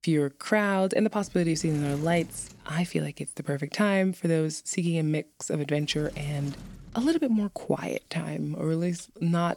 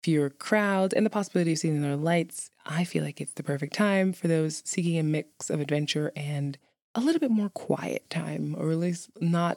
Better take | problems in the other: second | household noises; noticeable; throughout; 20 dB below the speech

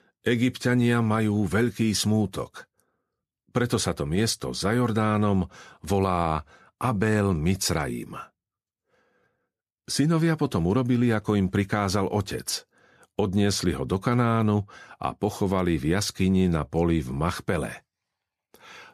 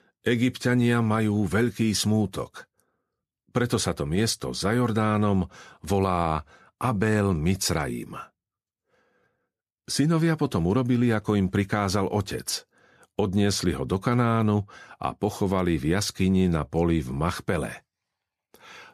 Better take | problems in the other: neither | none

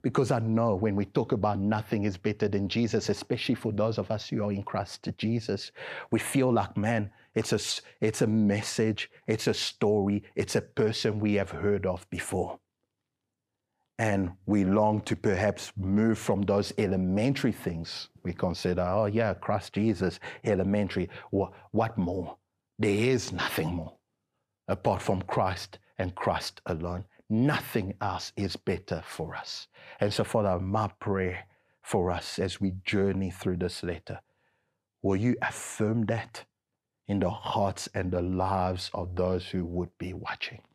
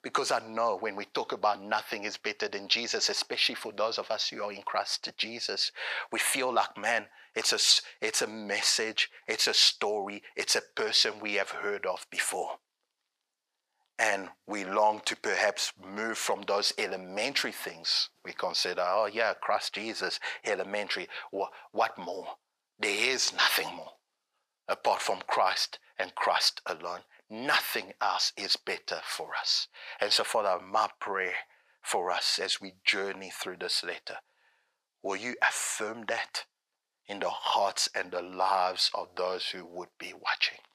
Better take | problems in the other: first | thin; very; fading below 850 Hz

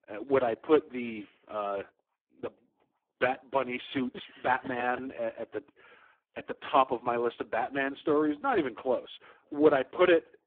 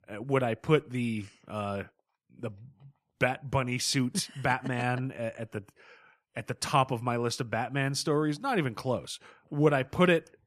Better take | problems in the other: second | phone-call audio; poor line

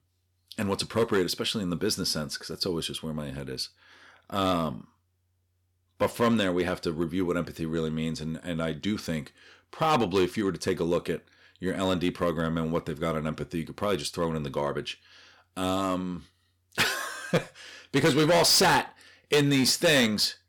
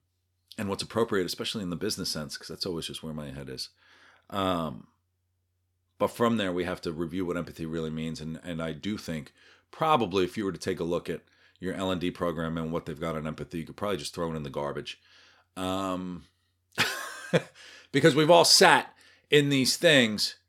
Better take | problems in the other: second | distortion; heavy; 4% of the sound clipped

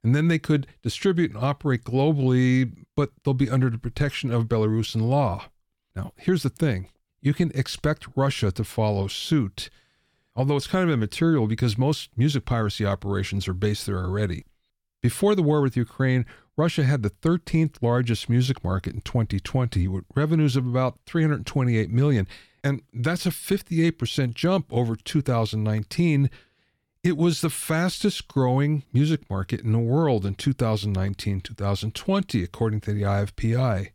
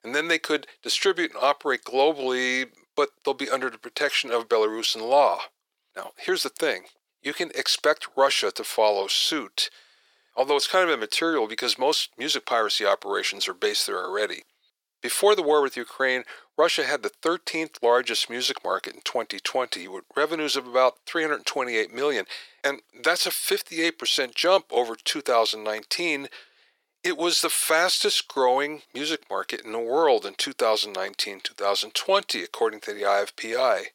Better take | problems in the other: first | thin; very; fading below 450 Hz

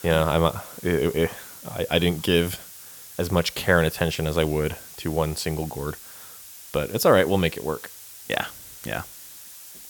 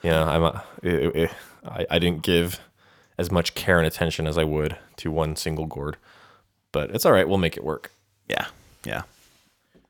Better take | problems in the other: second | hiss; noticeable; throughout; 15 dB below the speech

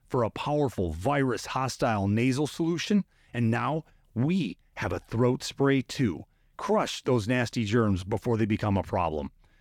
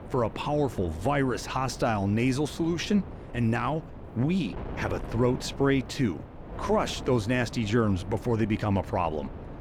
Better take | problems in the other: first | wind noise on the microphone; occasional gusts; 15 dB below the speech

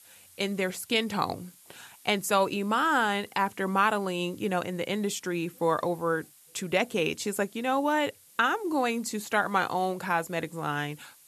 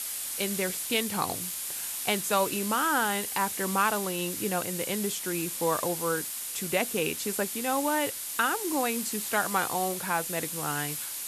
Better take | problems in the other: first | hiss; loud; throughout; 2 dB below the speech; faint in the first

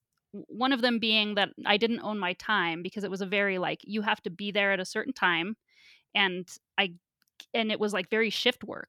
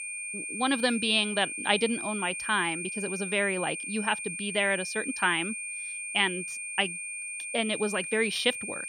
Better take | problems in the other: first | high-pitched whine; loud; throughout; 2.5 kHz, 5 dB below the speech

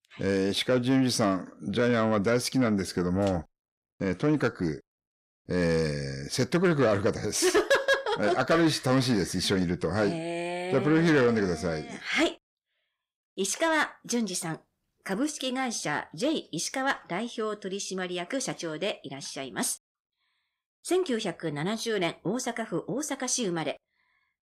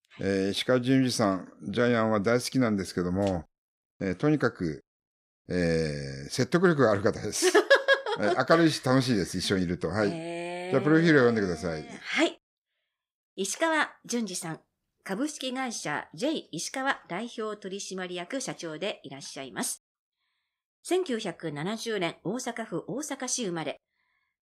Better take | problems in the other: second | distortion; slight; 10 dB below the speech

